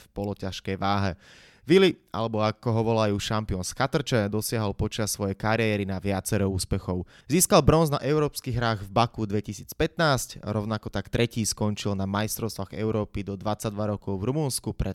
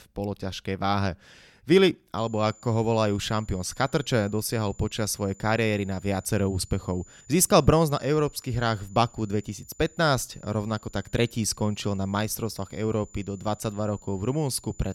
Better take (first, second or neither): first